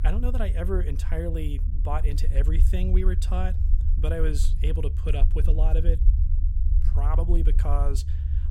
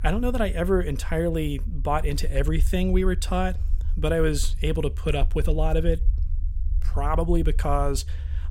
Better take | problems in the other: second | low rumble; loud; throughout; 10 dB below the speech; faint in the second

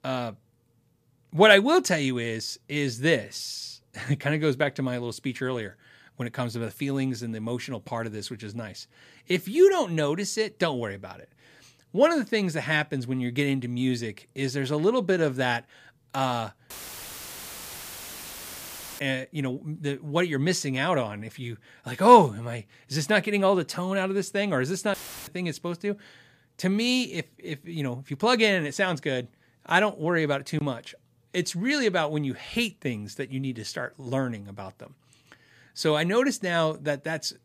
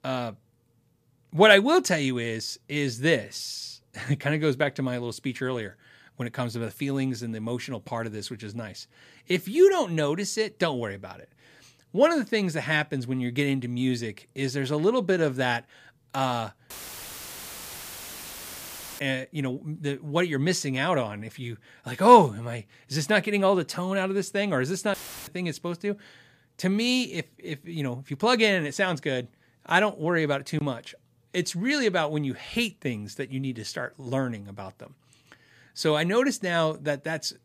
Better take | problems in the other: neither | audio cutting out; filled with static; at 17 s for 2.5 s and at 25 s; the same in both

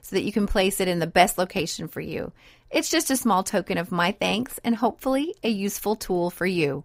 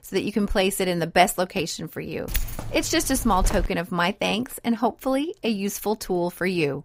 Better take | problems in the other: first | jangling keys; noticeable; from 2.5 to 3.5 s; peak 5 dB below the speech

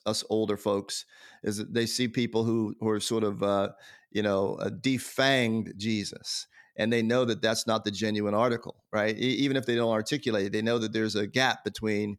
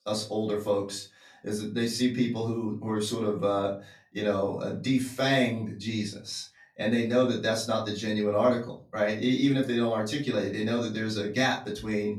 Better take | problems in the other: first | off-mic speech; far // room echo; slight; dies away in 0.3 s

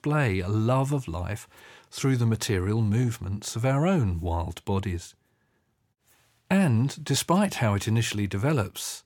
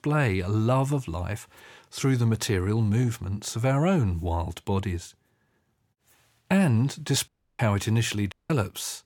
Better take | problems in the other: first | audio cutting out; at 7.5 s and at 8.5 s

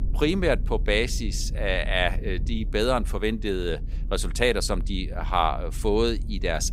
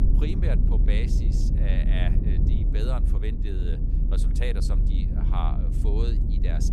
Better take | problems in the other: first | low rumble; loud; throughout; 3 dB below the speech; faint in the first

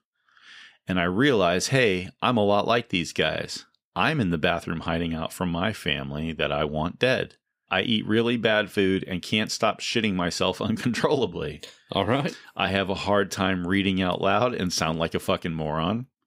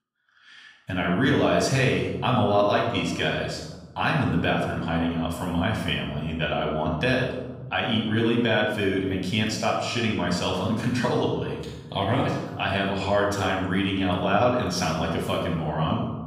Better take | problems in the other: first | off-mic speech; far // room echo; noticeable; dies away in 1.1 s

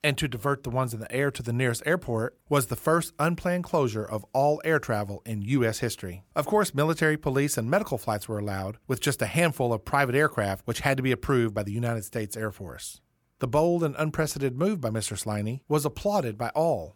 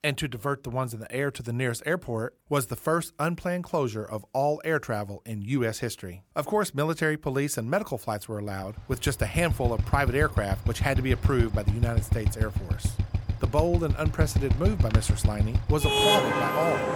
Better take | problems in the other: first | traffic noise; very loud; from 9 s on; 2 dB above the speech

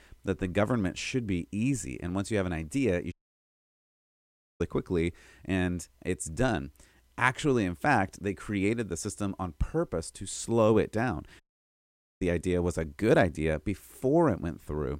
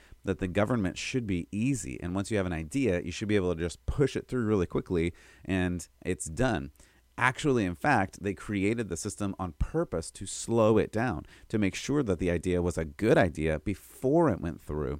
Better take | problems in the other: second | audio cutting out; at 3 s for 1.5 s and at 11 s for 1 s

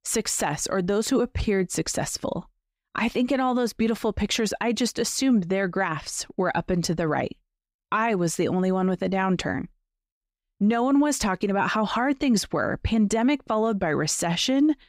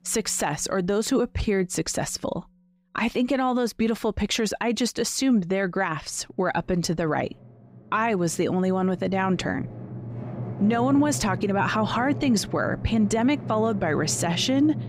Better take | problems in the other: first | background music; noticeable; throughout; 10 dB below the speech

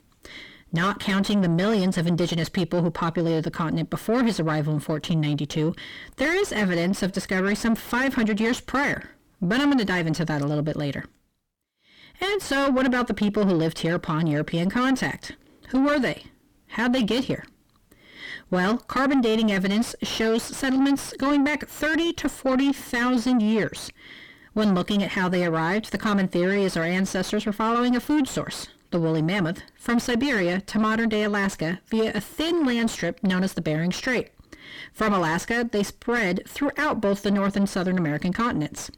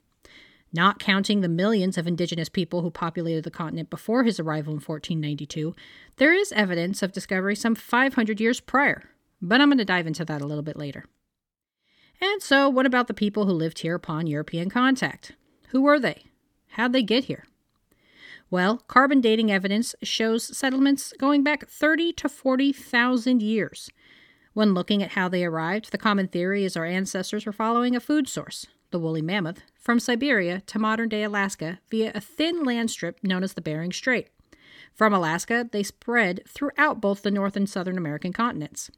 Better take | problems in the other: second | distortion; heavy; 5 dB below the speech

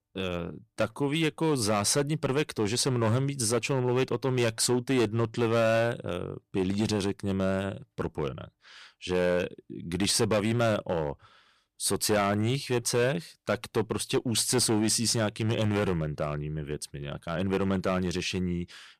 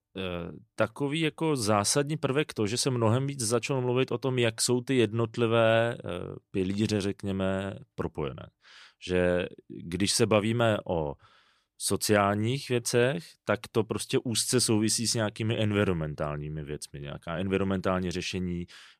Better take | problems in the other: second | distortion; slight; 6% of the sound clipped

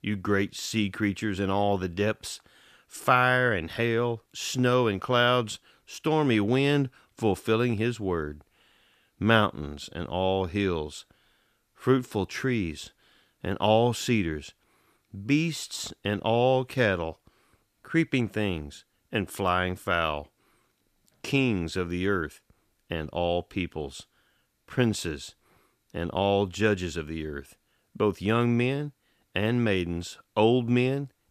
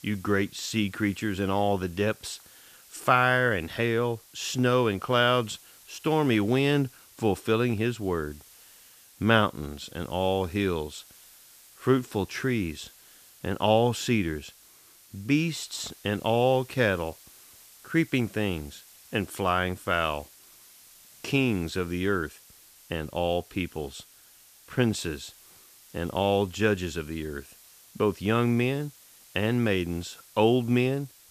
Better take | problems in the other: first | hiss; faint; throughout; 25 dB below the speech

